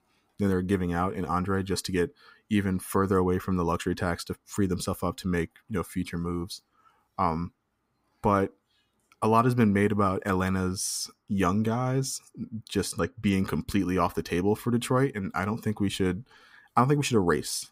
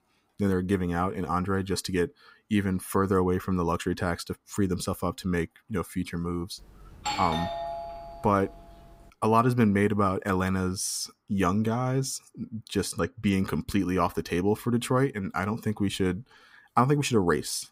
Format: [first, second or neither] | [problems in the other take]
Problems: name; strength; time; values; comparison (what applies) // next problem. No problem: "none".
first | doorbell; noticeable; from 6.5 to 8.5 s; peak 3 dB below the speech